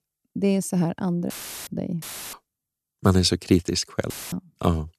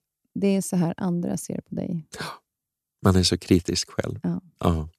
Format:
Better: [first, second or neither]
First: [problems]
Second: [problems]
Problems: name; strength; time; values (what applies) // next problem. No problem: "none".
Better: second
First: audio cutting out; filled with static; at 1.5 s, at 2 s and at 4 s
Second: none